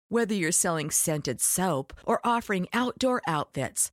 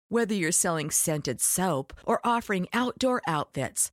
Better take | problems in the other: neither | none

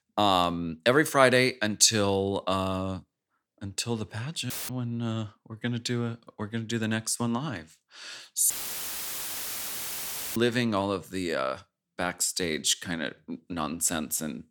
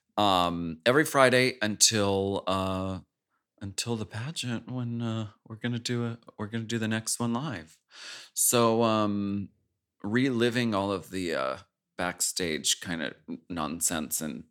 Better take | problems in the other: second | audio cutting out; filled with static; at 4.5 s and at 8.5 s for 2 s

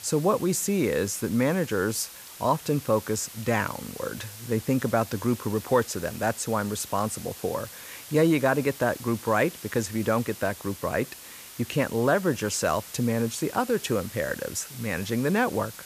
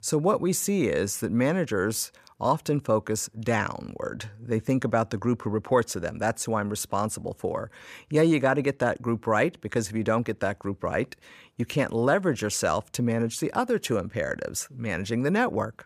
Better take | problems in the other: second | hiss; noticeable; throughout; 15 dB below the speech

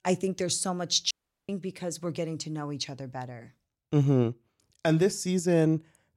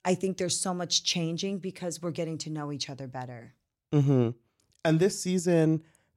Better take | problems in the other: second | audio cutting out; at 1 s

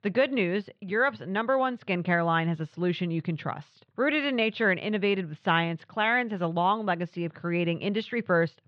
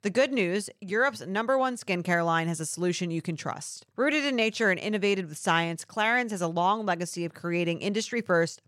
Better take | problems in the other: second | muffled; slightly; fading above 3.5 kHz

